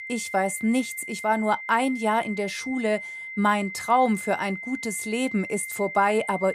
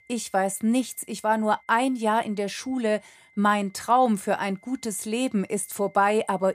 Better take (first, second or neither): second